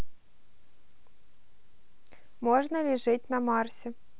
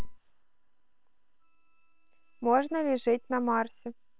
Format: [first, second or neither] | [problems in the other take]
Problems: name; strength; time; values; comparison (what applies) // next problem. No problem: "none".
first | noise reduction (neural separator model SepFormer WHAM!)